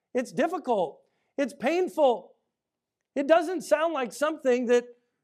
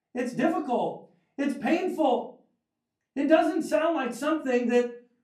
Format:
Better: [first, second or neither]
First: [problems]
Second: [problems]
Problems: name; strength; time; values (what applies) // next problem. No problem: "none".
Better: first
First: none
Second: off-mic speech; far // room echo; slight; dies away in 0.3 s